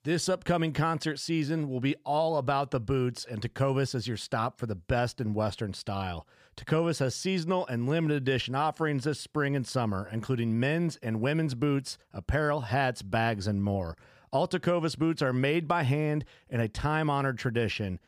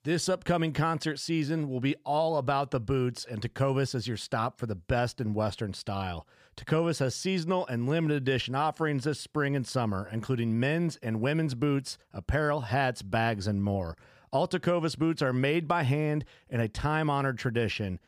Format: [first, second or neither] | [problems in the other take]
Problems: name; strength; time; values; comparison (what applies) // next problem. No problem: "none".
neither | none